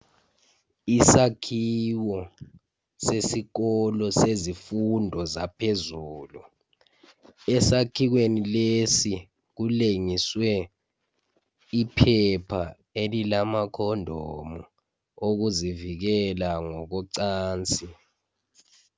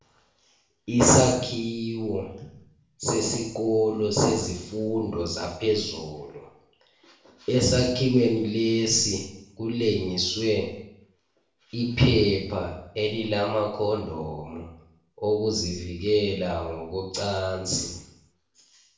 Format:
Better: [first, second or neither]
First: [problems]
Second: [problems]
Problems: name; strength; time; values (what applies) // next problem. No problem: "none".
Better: first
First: none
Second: room echo; dies away in 0.7 s